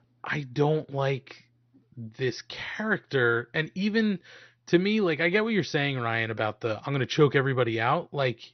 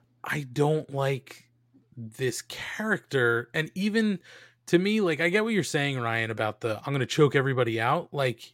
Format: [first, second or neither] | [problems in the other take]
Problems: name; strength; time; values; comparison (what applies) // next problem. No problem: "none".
second | garbled, watery; slightly; nothing above 6 kHz